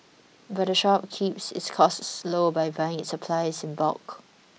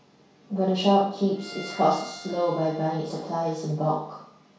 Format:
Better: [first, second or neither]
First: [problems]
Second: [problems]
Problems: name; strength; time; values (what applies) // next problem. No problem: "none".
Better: first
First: none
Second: background sound (Bowed string instrument); 20 dB below the speech // room echo; dies away in 0.6 s